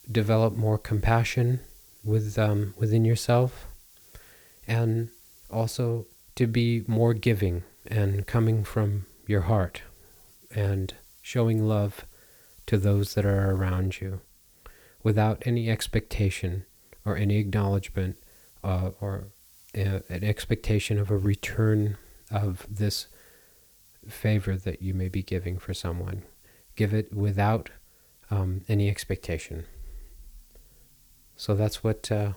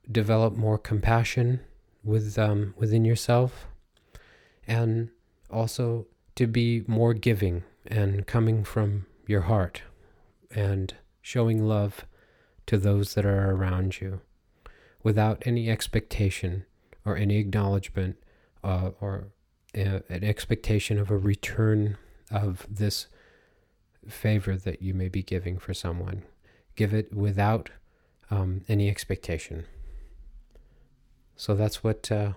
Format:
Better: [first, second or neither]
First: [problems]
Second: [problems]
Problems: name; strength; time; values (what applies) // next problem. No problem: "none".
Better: second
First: hiss; faint; throughout; 25 dB below the speech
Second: none